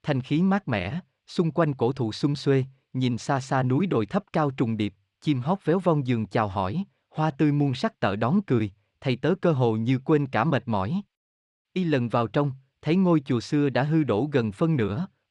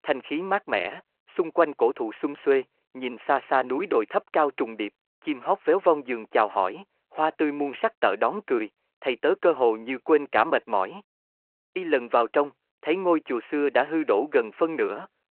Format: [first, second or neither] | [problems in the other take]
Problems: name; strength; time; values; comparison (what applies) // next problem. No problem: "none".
first | phone-call audio